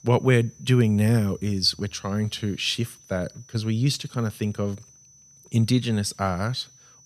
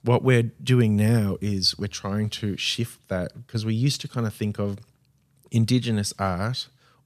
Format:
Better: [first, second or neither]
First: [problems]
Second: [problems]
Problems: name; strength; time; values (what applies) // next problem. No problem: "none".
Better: second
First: high-pitched whine; faint; throughout; 6 kHz, 25 dB below the speech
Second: none